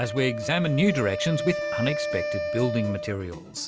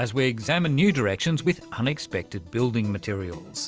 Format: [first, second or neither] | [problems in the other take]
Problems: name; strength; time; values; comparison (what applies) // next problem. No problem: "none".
second | background sound (Wind instrument, woodwind instrument); 4 dB below the speech